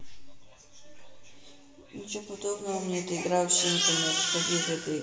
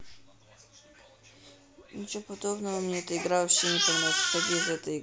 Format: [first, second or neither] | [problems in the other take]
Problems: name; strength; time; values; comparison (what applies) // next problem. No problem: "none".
second | room echo; dies away in 2.8 s